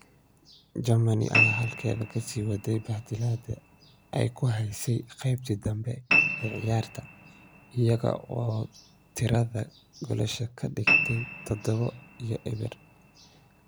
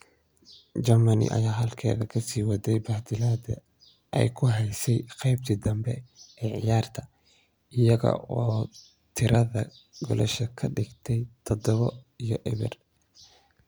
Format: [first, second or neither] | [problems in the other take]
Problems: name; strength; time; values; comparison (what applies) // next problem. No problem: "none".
second | background sound (Piano); 4 dB below the speech